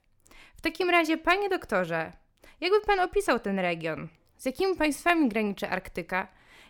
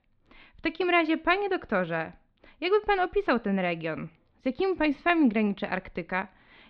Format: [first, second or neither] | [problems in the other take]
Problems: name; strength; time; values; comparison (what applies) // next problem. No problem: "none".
first | muffled; very slightly; fading above 4 kHz